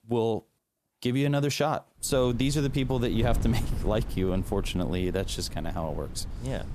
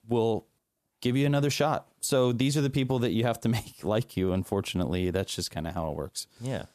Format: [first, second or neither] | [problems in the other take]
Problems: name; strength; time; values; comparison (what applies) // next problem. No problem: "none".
second | wind noise on the microphone; occasional gusts; from 2 s on; 15 dB below the speech